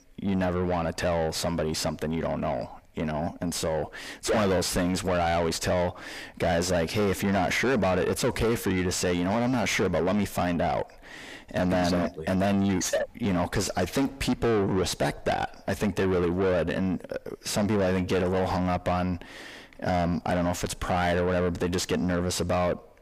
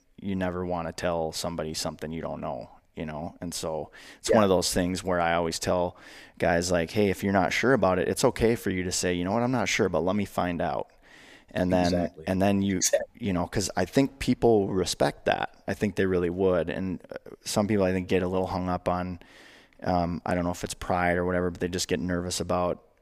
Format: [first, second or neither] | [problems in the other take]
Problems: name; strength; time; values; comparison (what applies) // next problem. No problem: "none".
second | distortion; heavy; 6 dB below the speech